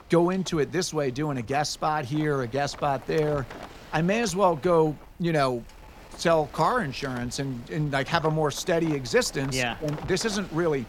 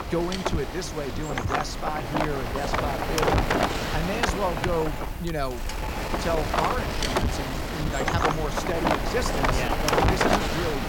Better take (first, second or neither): first